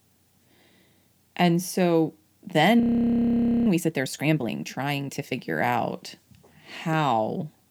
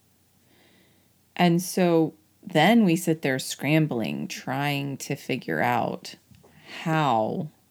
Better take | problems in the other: second | audio freezing; at 3 s for 1 s

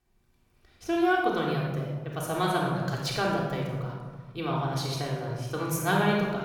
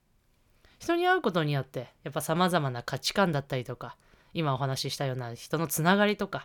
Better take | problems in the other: second | off-mic speech; far // room echo; strong; dies away in 1.2 s

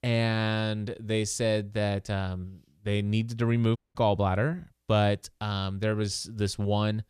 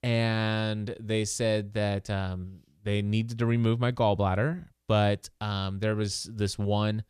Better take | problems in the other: second | audio cutting out; at 4 s

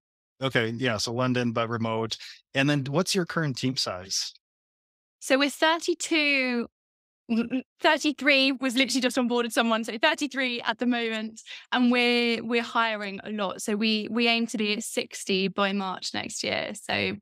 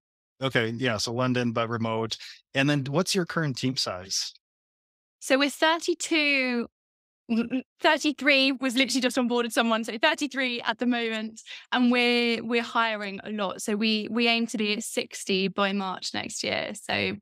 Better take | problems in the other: neither | none

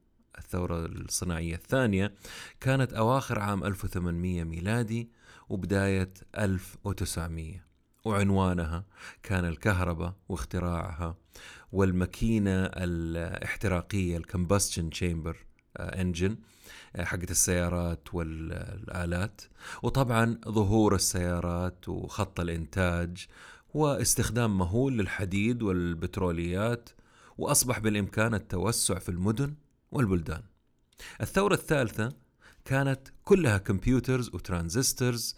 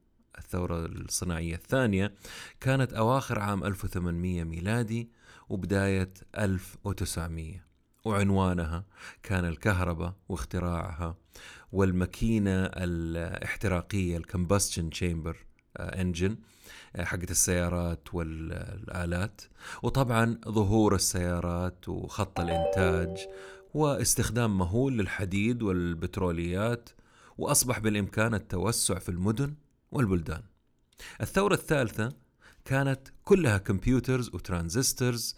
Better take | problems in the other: first | phone ringing; loud; from 22 to 23 s; peak 1 dB above the speech

